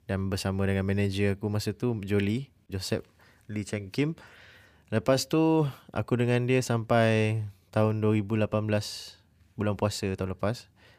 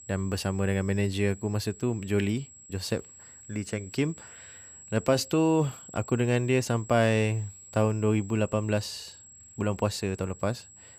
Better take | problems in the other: first | high-pitched whine; noticeable; throughout; 7.5 kHz, 20 dB below the speech

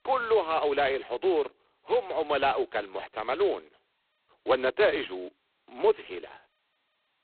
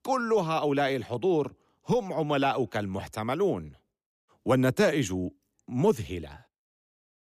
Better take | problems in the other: second | phone-call audio; poor line; nothing above 4 kHz

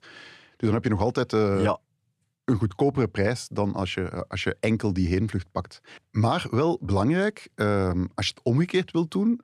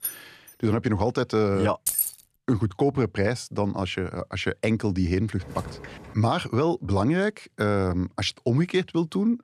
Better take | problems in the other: first | jangling keys; noticeable; at the start; peak 7 dB below the speech // jangling keys; loud; at 2 s; peak 2 dB above the speech // footsteps; faint; at 5.5 s; peak 15 dB below the speech

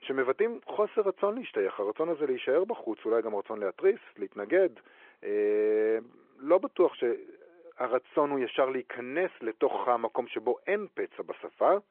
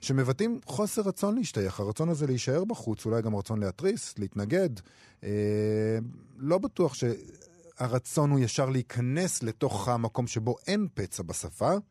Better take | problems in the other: second | phone-call audio

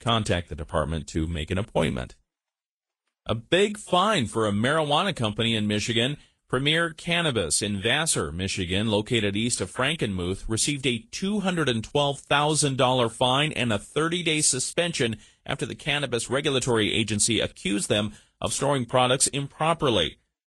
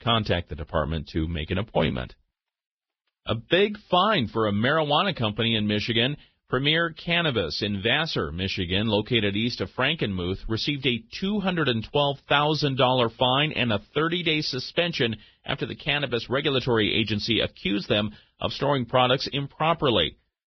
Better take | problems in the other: first | garbled, watery; badly; nothing above 5.5 kHz; slightly in the first

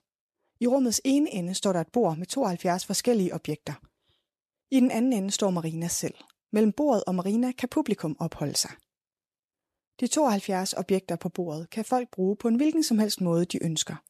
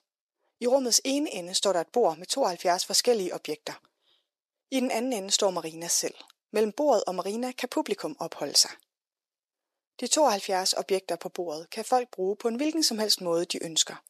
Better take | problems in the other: first | thin; somewhat; fading below 500 Hz

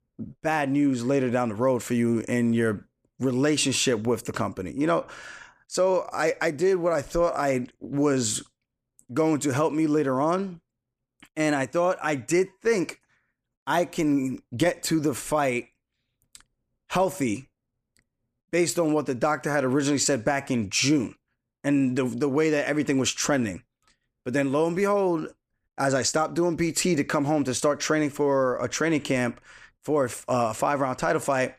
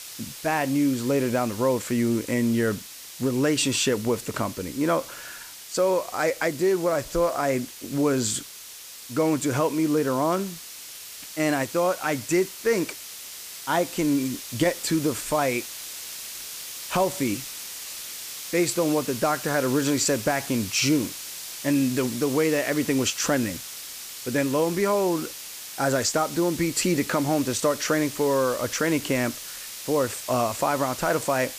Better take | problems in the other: first | hiss; noticeable; throughout; 10 dB below the speech

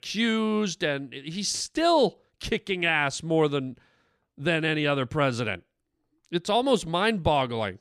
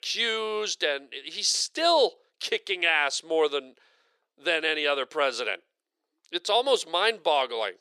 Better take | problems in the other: first | thin; very; fading below 450 Hz

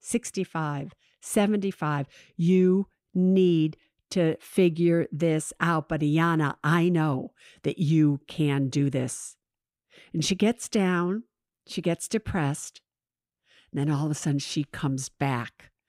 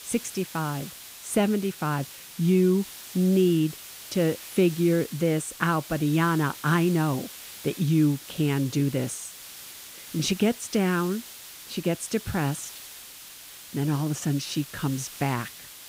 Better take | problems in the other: first | hiss; noticeable; throughout; 15 dB below the speech

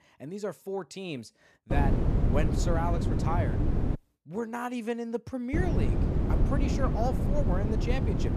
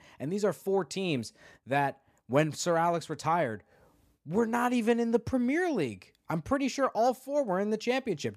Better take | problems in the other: second | wind noise on the microphone; heavy; from 1.5 to 4 s and from 5.5 s on; 2 dB below the speech

